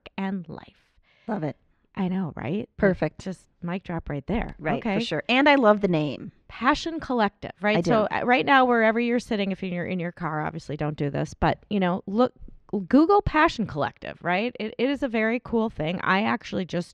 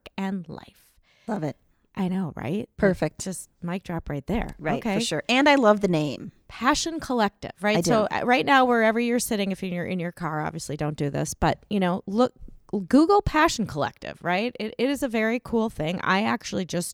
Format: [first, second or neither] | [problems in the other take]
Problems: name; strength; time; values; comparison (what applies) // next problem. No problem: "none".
second | muffled; slightly; fading above 3 kHz